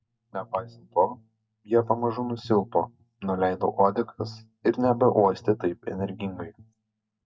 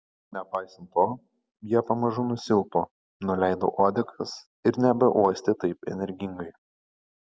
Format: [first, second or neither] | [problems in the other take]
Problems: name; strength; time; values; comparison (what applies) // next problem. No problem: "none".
second | noise reduction (neural mask model DeepFilterNet 3)